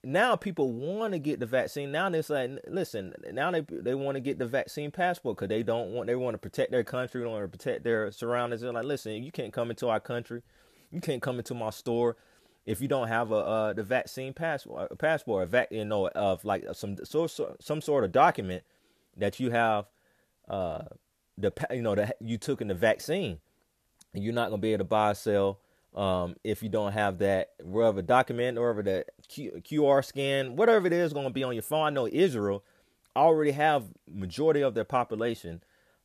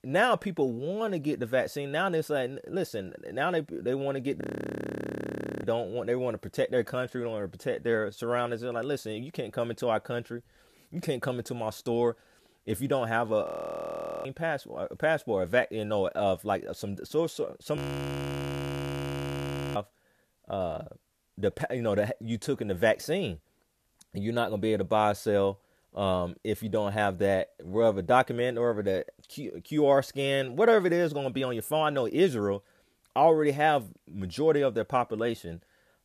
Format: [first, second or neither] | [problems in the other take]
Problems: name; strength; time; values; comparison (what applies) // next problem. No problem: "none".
first | audio freezing; at 4.5 s for 1 s, at 13 s for 1 s and at 18 s for 2 s